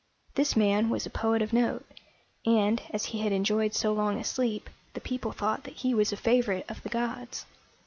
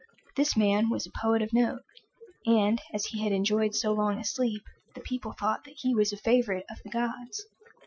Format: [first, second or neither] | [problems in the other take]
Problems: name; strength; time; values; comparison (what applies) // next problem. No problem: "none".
first | noise reduction (classical method Wiener filter)